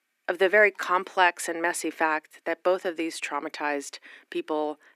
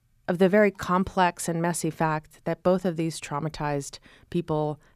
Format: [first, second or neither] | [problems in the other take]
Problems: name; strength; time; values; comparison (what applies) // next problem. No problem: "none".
second | thin; very; fading below 300 Hz